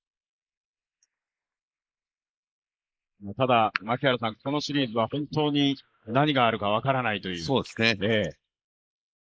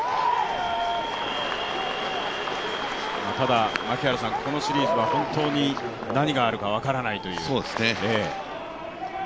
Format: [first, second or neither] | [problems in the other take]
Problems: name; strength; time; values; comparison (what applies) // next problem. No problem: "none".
second | noise reduction (neural mask model Resemble Enhance denoiser)